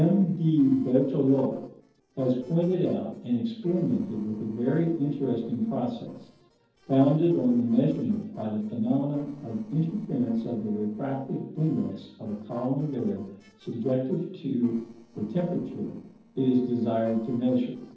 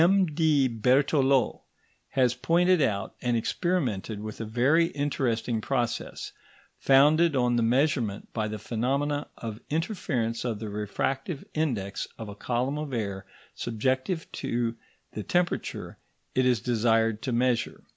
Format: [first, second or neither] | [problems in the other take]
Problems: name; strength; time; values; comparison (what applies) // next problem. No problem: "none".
second | noise reduction (neural separator model SepFormer DNS4)